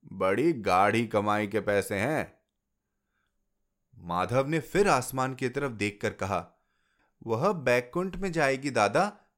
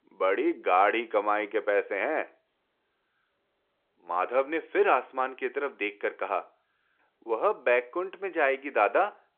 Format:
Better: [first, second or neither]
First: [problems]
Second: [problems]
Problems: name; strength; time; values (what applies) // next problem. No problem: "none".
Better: first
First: none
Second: phone-call audio